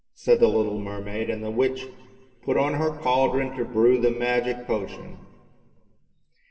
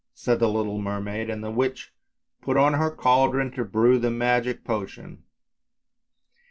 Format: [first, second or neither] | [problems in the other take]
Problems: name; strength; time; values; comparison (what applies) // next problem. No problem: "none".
second | room echo; dies away in 1.6 s